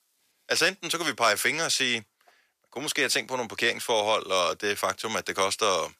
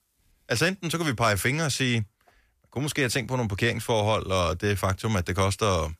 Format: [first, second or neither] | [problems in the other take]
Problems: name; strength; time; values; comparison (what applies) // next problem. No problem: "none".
second | thin; somewhat; fading below 400 Hz